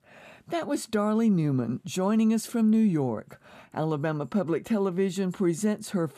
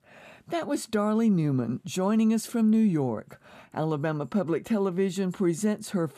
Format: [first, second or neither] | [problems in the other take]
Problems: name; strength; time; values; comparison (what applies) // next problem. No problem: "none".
neither | none